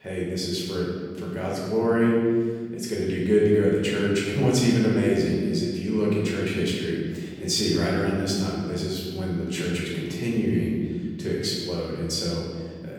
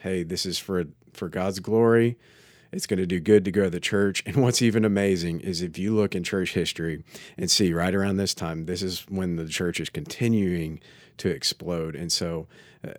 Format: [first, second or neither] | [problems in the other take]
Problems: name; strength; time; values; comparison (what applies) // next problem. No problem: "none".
second | room echo; noticeable; dies away in 1.8 s // off-mic speech; far